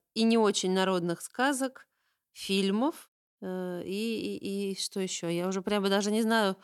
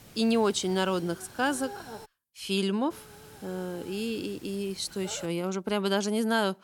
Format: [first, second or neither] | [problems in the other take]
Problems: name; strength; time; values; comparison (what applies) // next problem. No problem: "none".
first | hiss; noticeable; until 2 s and from 3 to 5.5 s; 20 dB below the speech